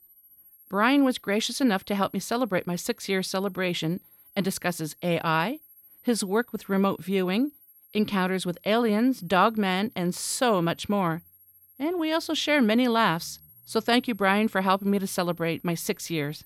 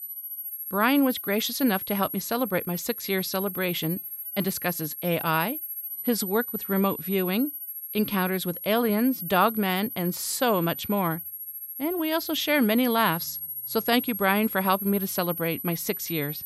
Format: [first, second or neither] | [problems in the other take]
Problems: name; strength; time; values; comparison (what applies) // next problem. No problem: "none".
first | high-pitched whine; loud; throughout; 11.5 kHz, 7 dB below the speech; faint in the first